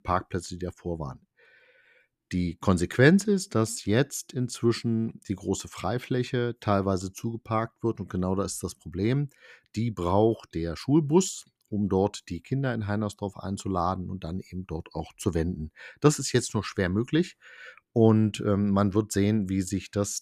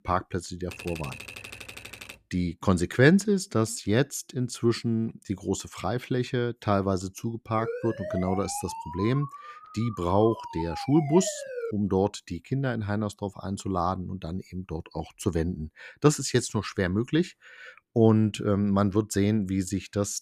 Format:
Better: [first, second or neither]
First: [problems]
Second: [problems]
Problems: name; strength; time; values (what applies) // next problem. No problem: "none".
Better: first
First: none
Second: keyboard typing; faint; from 0.5 to 2 s; peak 10 dB below the speech // siren; noticeable; from 7.5 to 12 s; peak 8 dB below the speech